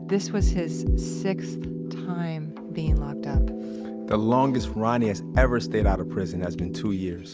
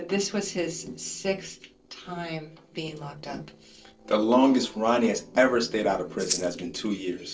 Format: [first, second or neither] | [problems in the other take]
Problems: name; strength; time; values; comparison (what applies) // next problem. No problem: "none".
first | noise reduction (neural separator model SepFormer DNS4)